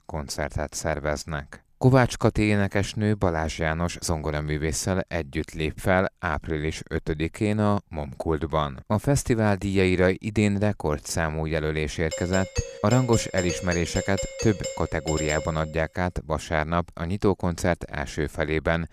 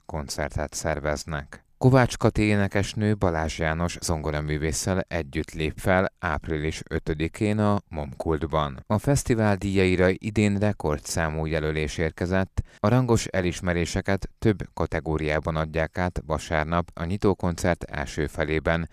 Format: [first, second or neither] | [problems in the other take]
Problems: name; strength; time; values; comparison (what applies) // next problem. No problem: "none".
second | doorbell; noticeable; from 12 to 16 s; peak 5 dB below the speech